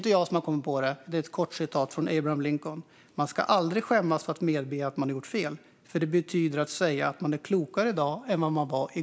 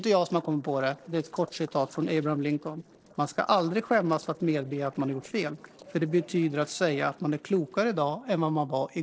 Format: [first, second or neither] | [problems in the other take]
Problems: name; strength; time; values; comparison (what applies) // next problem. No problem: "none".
first | noise reduction (neural separator model SepFormer DNS4)